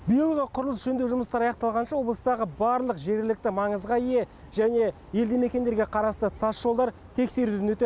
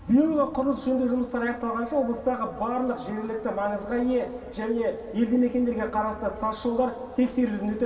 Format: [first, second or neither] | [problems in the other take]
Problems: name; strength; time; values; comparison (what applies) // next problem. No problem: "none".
first | room echo; dies away in 2.2 s